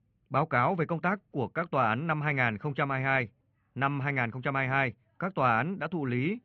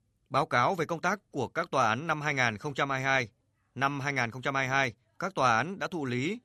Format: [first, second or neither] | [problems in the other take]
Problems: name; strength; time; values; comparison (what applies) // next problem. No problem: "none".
second | muffled; very; fading above 2.5 kHz